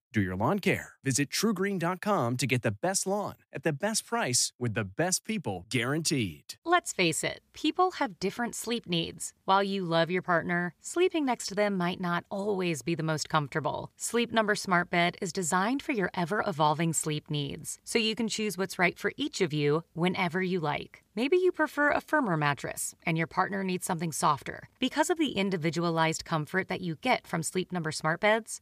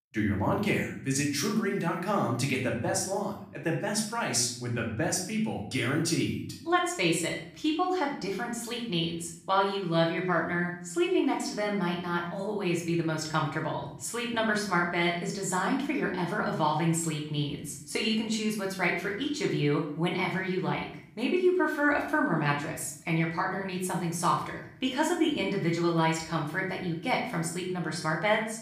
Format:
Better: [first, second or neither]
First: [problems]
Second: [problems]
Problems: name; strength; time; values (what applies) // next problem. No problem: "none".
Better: first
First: none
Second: room echo; noticeable; dies away in 0.6 s // off-mic speech; far